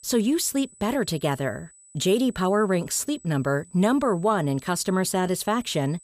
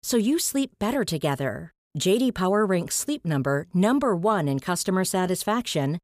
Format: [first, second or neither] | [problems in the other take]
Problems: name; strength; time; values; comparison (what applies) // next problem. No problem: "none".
second | high-pitched whine; faint; throughout; 8 kHz, 25 dB below the speech